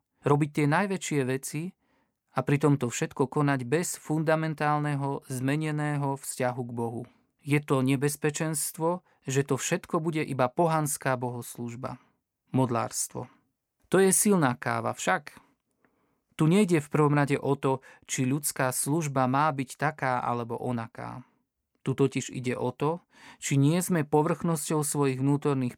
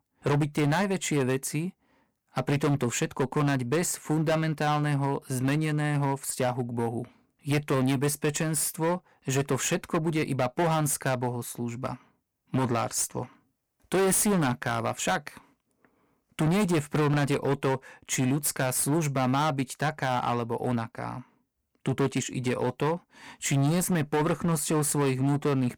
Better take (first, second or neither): first